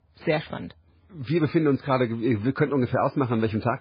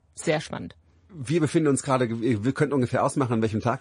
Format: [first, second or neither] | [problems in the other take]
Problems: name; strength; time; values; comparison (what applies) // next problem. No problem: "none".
second | garbled, watery; badly; nothing above 4.5 kHz; slightly in the second